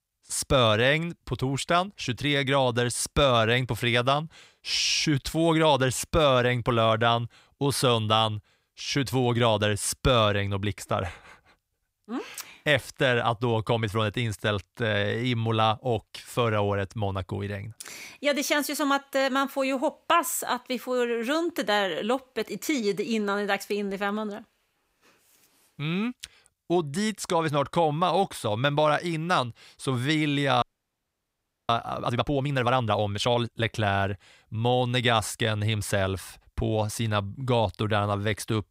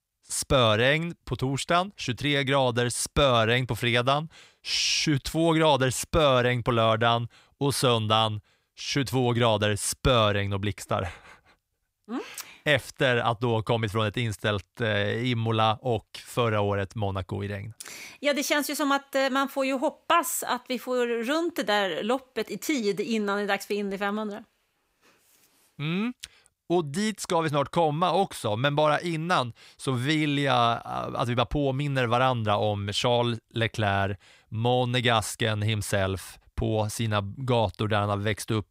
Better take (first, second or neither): second